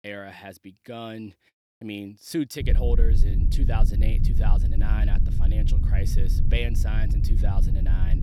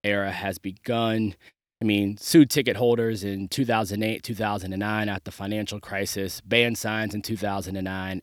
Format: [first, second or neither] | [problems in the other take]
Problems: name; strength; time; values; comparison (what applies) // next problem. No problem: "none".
second | low rumble; loud; from 2.5 s on; 5 dB below the speech